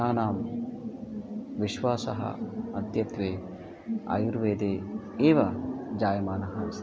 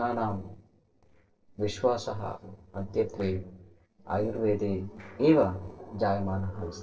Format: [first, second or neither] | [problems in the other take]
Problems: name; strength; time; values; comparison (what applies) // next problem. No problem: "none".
first | noise reduction (neural separator model SepFormer DNS4)